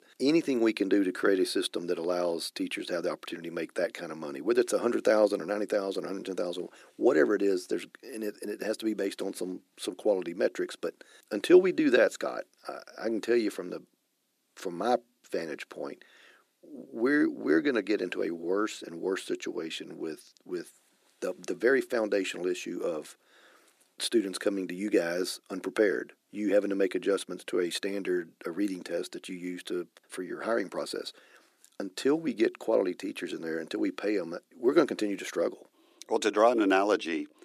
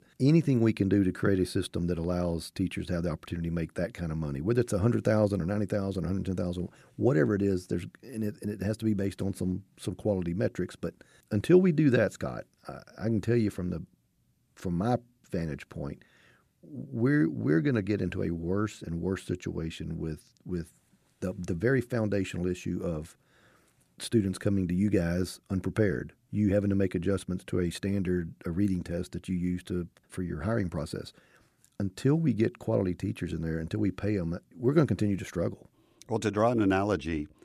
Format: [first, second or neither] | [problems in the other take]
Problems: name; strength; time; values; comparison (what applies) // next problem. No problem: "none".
second | thin; somewhat; fading below 300 Hz